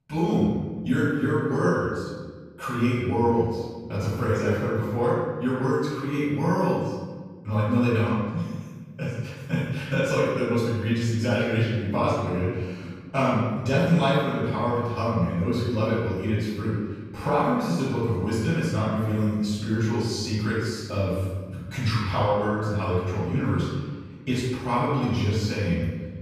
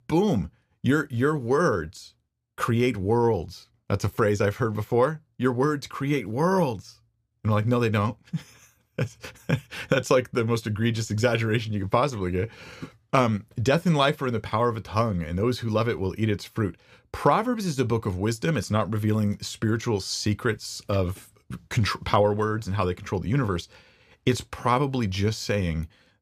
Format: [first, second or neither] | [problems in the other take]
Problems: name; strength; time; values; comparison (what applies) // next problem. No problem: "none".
second | off-mic speech; far // room echo; strong; dies away in 1.3 s